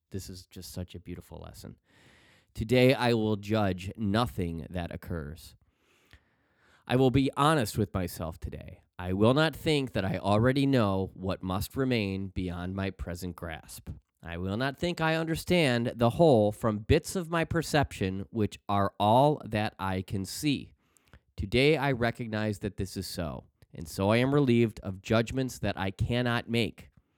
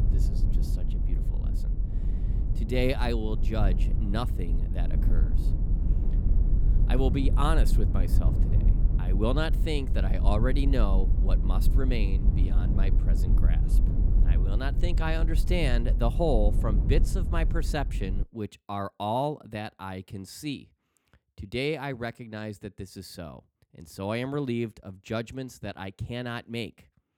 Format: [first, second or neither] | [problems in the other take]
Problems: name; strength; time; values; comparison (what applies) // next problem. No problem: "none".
first | low rumble; noticeable; until 18 s; 10 dB below the speech